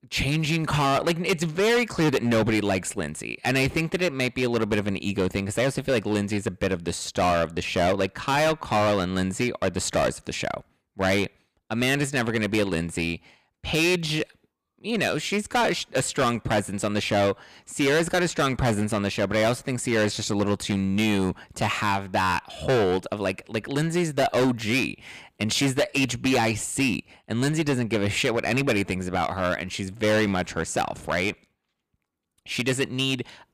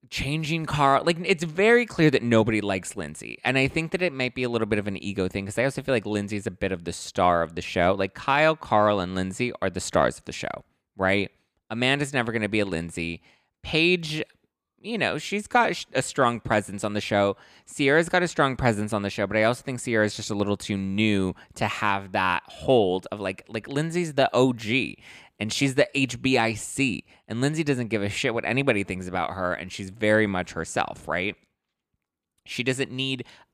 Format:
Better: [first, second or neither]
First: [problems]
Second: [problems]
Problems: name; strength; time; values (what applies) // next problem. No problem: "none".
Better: second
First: distortion; heavy; 11% of the sound clipped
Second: none